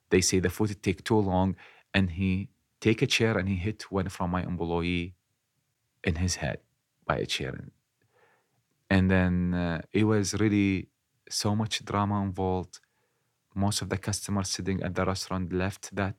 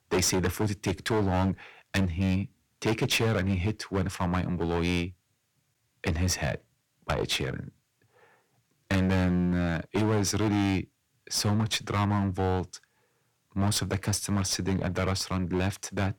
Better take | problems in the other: first | distortion; heavy; 14% of the sound clipped

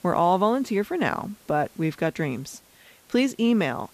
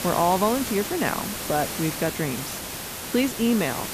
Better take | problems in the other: first | hiss; loud; throughout; 5 dB below the speech; faint in the first

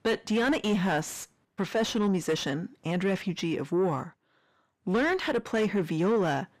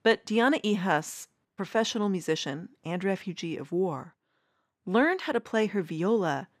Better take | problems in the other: second | distortion; heavy; 7 dB below the speech

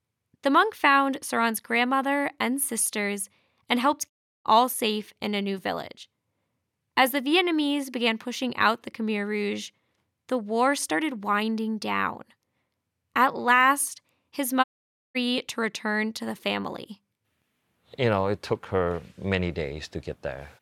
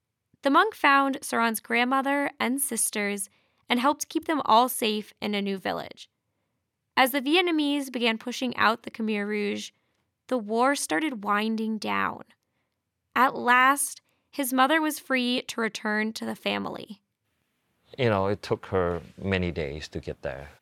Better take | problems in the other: second | audio cutting out; at 4 s and at 15 s for 0.5 s

